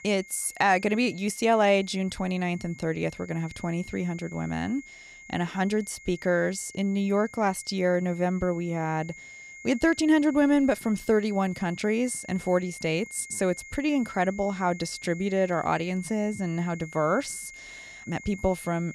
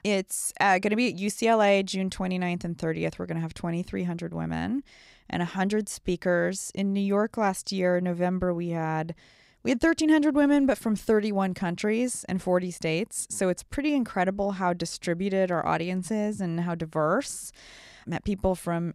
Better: second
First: high-pitched whine; noticeable; throughout; 2 kHz, 15 dB below the speech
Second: none

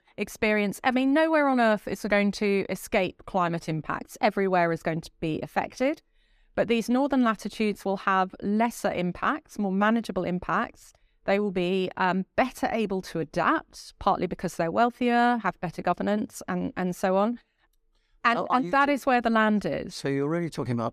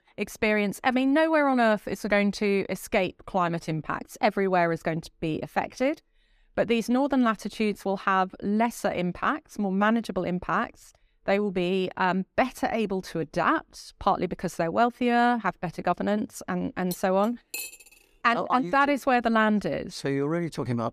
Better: first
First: none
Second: clattering dishes; noticeable; at 17 s; peak 9 dB below the speech

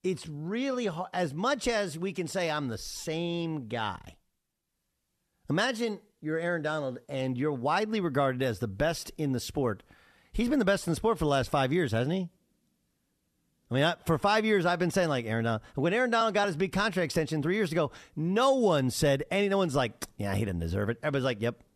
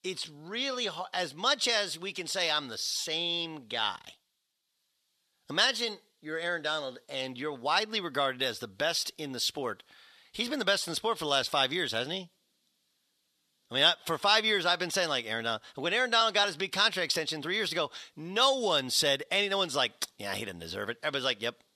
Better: first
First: none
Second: thin; somewhat; fading below 950 Hz

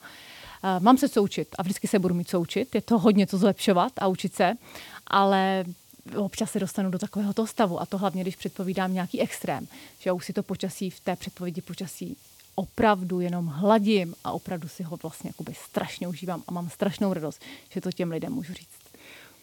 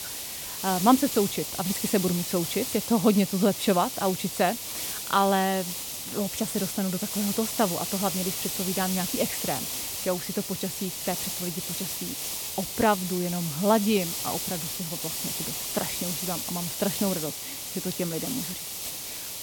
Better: first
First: hiss; faint; throughout; 25 dB below the speech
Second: hiss; loud; throughout; 3 dB below the speech

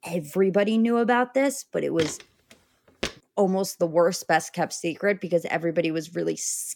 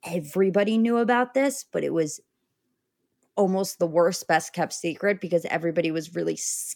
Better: second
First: footsteps; noticeable; from 2 to 3 s; peak 9 dB below the speech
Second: none

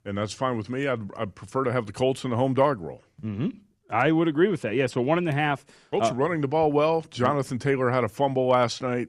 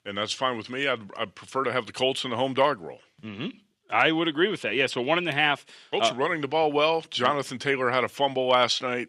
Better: first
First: none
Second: thin; very slightly; fading below 750 Hz

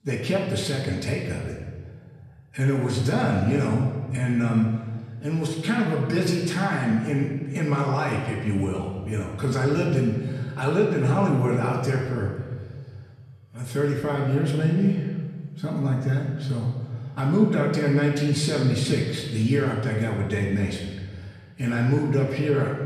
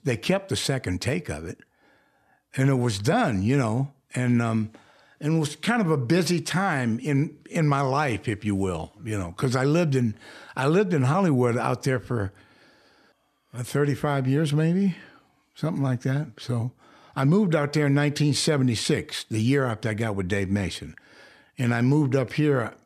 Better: second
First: off-mic speech; far // room echo; noticeable; dies away in 1.4 s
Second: none

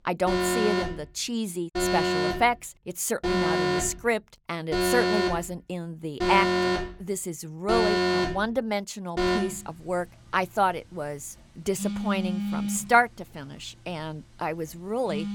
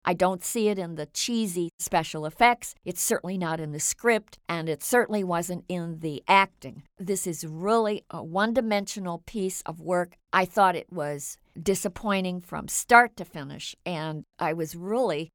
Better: second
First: alarms or sirens; very loud; throughout; 1 dB above the speech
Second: none

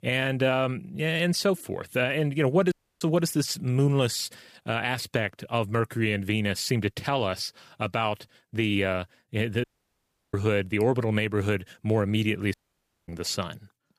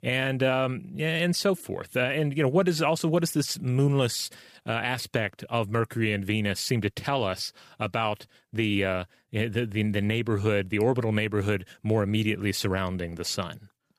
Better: second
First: audio cutting out; at 2.5 s, at 9.5 s for 0.5 s and at 13 s for 0.5 s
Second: none

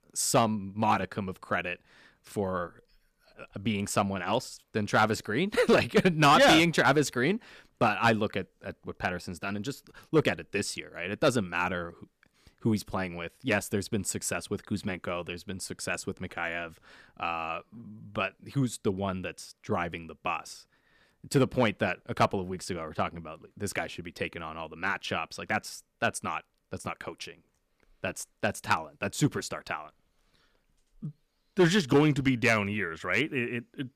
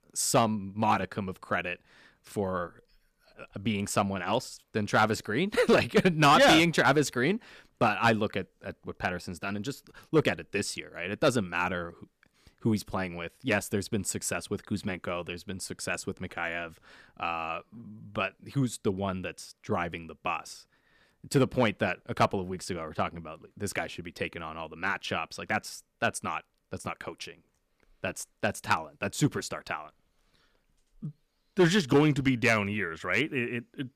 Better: neither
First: distortion; slight; 1.2% of the sound clipped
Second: distortion; slight; 1.2% of the sound clipped

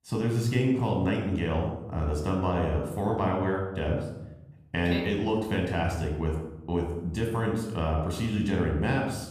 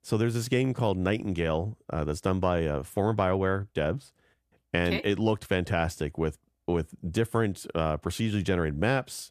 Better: second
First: off-mic speech; somewhat distant // room echo; noticeable; dies away in 0.8 s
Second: none

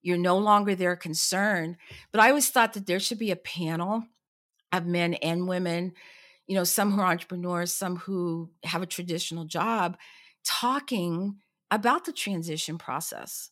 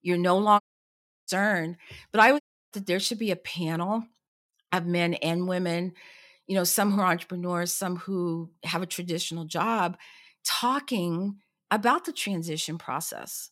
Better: first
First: none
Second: audio cutting out; at 0.5 s for 0.5 s and at 2.5 s

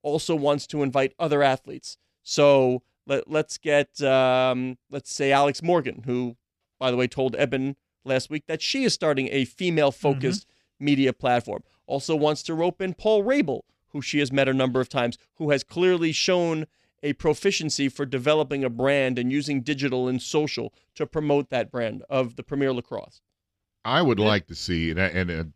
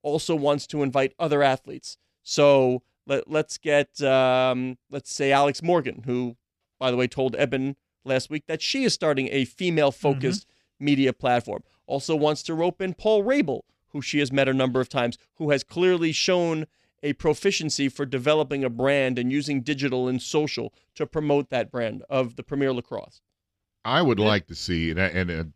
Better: neither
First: none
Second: none

